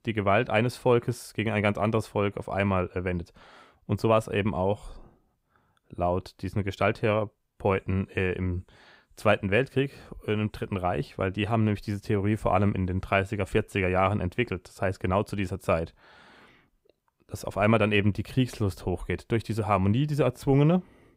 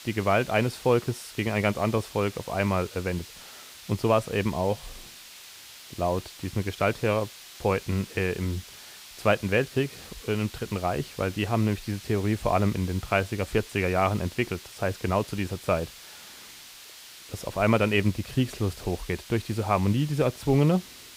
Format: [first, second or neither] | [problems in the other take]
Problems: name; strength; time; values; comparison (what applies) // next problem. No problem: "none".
first | hiss; noticeable; throughout; 15 dB below the speech